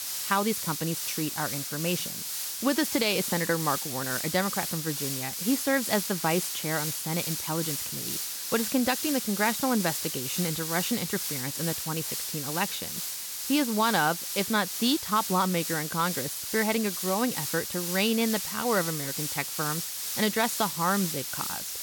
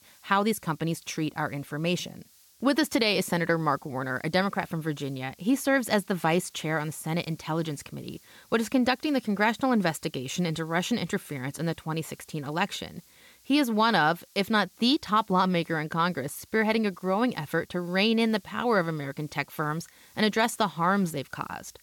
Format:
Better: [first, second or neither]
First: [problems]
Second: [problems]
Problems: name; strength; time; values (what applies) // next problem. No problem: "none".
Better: second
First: hiss; loud; throughout; 2 dB below the speech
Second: hiss; faint; throughout; 30 dB below the speech